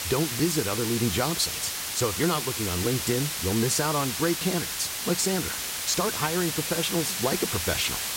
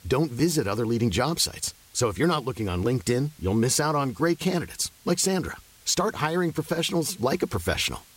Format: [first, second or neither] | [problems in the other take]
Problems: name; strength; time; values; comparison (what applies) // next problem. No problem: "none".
second | hiss; loud; throughout; 1 dB below the speech; faint in the second